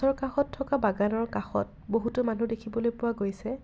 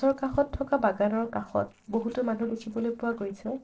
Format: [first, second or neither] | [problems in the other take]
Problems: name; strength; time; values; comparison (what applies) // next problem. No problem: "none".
first | noise reduction (neural separator model SepFormer DNS4)